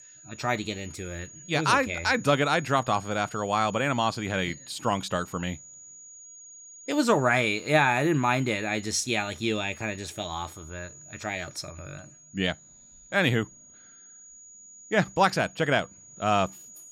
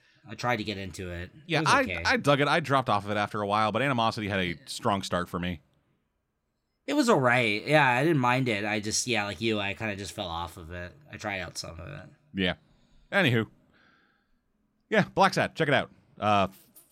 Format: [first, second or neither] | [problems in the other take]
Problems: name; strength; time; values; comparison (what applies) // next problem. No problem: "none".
second | high-pitched whine; noticeable; throughout; 7 kHz, 20 dB below the speech